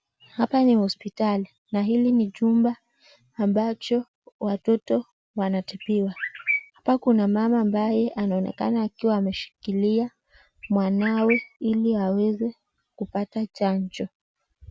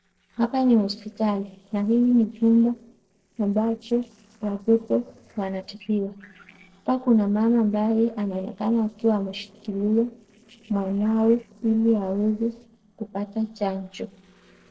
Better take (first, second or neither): first